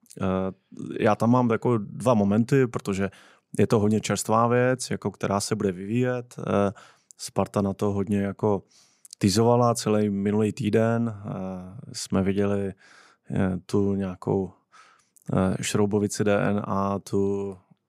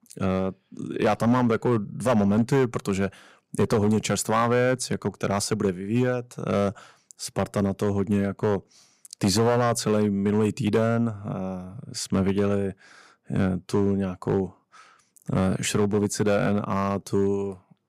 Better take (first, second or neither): first